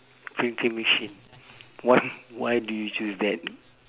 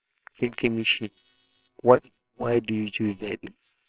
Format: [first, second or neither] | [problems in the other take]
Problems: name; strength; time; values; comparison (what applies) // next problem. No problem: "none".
first | noise reduction (neural separator model SepFormer WHAMR!)